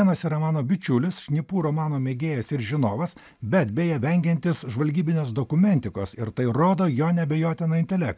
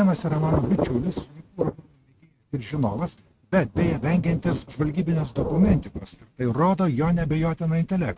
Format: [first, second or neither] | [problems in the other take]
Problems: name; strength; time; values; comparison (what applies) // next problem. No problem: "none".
first | noise reduction (neural mask model RNNoise)